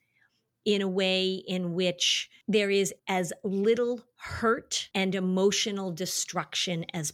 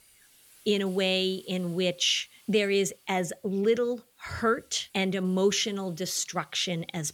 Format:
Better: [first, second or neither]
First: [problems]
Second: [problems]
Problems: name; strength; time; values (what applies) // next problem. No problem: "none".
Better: first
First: none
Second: hiss; faint; throughout; 30 dB below the speech